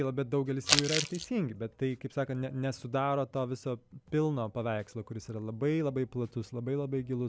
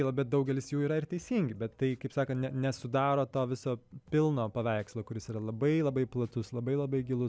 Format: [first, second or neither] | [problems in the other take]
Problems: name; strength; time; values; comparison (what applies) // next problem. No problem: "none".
second | background sound (Crumpling, crinkling); 3 dB above the speech